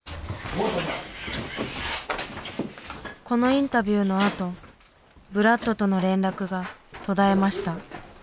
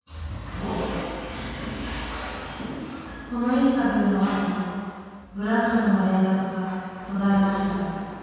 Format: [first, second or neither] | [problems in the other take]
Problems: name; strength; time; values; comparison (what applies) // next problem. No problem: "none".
first | room echo; dies away in 2.1 s